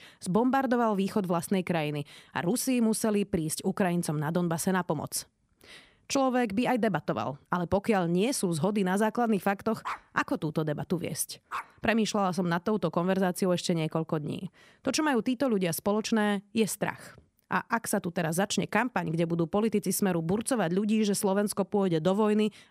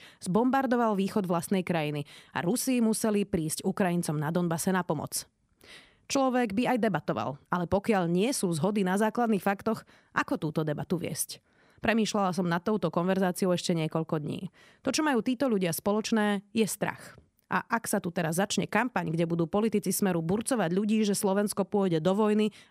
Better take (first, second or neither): second